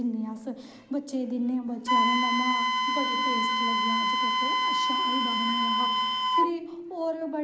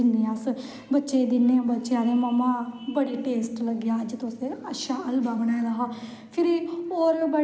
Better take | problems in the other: second | background sound (Wind instrument, woodwind instrument); 5 dB above the speech

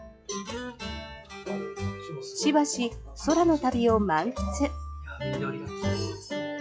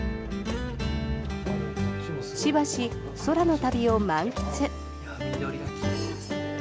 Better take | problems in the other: second | noise reduction (classical method log-MMSE)

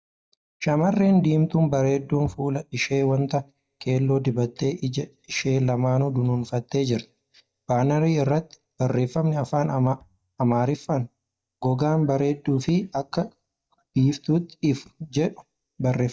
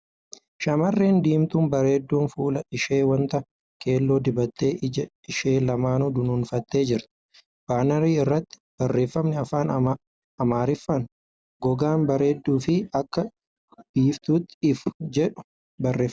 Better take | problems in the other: second | noise reduction (neural mask model DeepFilterNet 3)

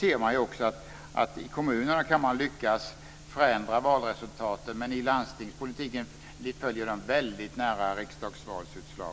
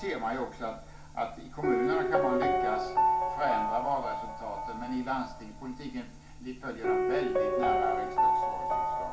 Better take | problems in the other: first | background sound (Piano); 4 dB above the speech // room echo; dies away in 0.4 s

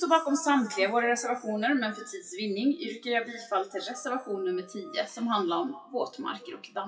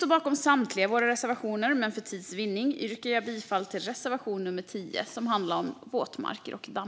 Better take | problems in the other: second | noise reduction (classical method WPE with log-MMSE)

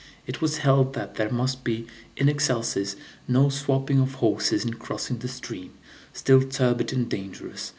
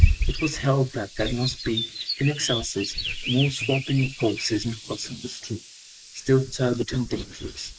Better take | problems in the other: first | noise reduction (neural mask model Resemble Enhance denoiser)

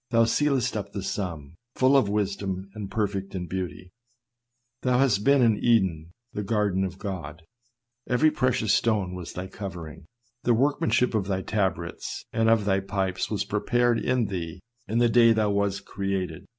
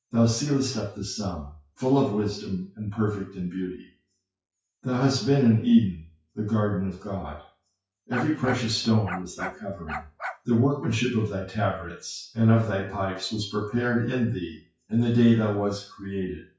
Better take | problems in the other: first | noise reduction (classical method WPE with log-MMSE)

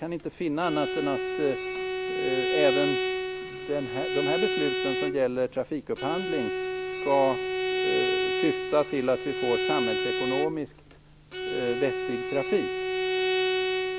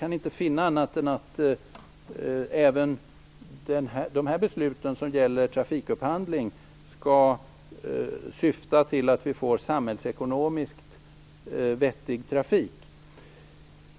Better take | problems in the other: second | background sound (Bowed string instrument); 1 dB above the speech

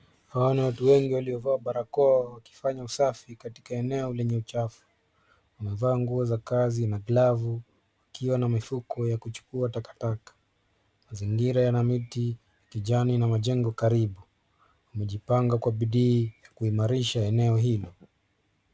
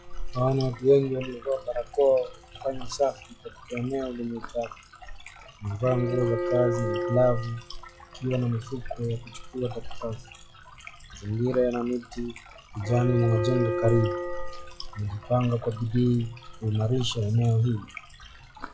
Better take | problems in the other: first | noise reduction (classical method log-MMSE)

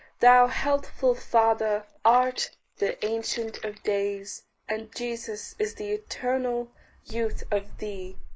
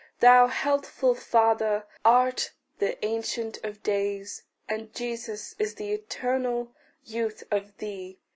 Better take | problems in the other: second | noise reduction (neural mask model Resemble Enhance denoiser)

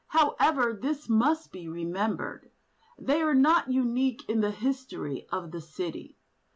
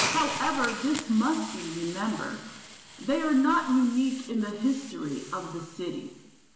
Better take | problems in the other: first | background sound (Hiss); 10 dB below the speech // room echo; dies away in 1 s

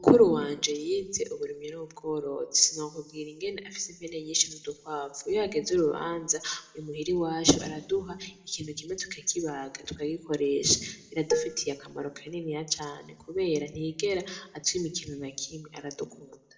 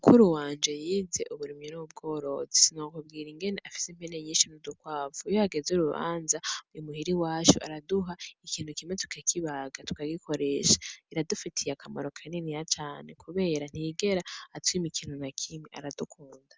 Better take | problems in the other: second | background sound (Dishes, pots, and pans); 2 dB below the speech // room echo; dies away in 0.6 s

